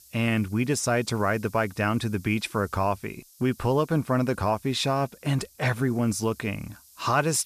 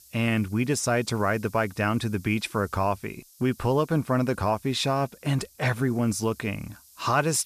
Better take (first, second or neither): neither